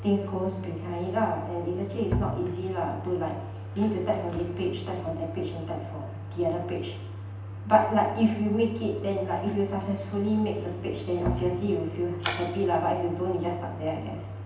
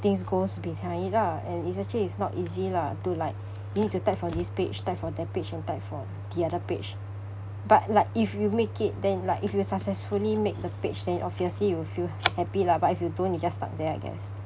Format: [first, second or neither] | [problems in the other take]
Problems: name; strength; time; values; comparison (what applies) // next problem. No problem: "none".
second | background sound (Bowed string instrument); 6 dB below the speech // room echo; dies away in 0.9 s